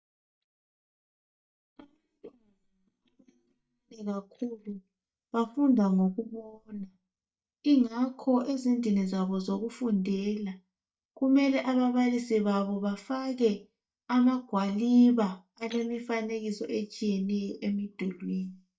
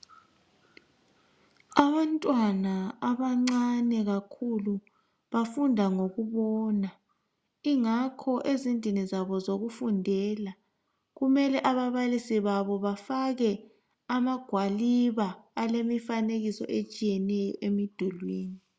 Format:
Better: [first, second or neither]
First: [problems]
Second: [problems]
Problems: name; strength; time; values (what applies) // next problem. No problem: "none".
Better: second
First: noise reduction (neural mask model DeepFilterNet 3)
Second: none